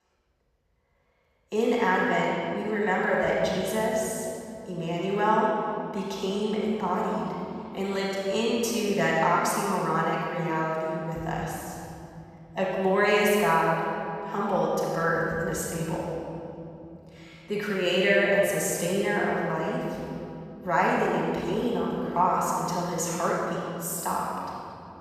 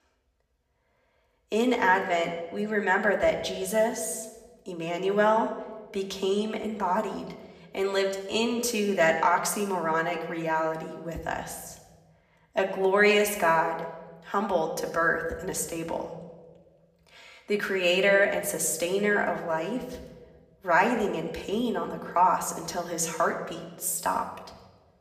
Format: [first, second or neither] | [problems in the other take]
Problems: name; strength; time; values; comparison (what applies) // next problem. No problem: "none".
second | room echo; strong; dies away in 3 s; slight in the second // off-mic speech; far; somewhat distant in the second